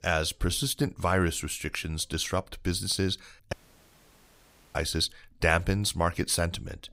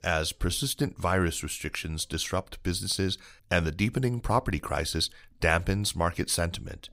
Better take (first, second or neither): second